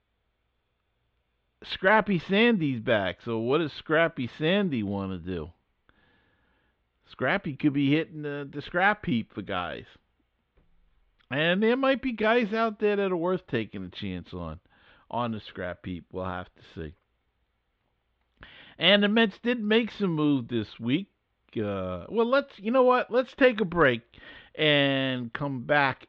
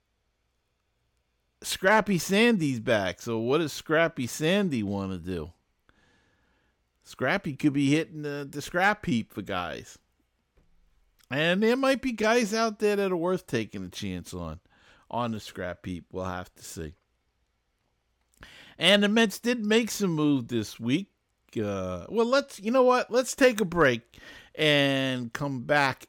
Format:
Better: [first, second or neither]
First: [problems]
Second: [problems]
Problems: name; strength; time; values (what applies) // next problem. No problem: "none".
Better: second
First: muffled; slightly; fading above 3.5 kHz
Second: none